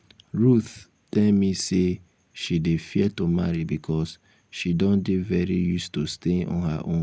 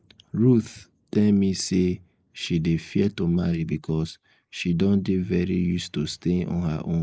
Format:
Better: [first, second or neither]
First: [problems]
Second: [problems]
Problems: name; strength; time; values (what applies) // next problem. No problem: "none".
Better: first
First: none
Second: noise reduction (neural mask model Resemble Enhance denoiser)